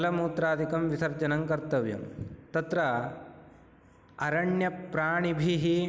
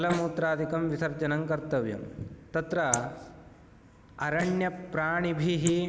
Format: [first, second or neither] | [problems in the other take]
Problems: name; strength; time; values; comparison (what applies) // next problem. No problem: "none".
first | noise reduction (neural mask model Resemble Enhance denoiser)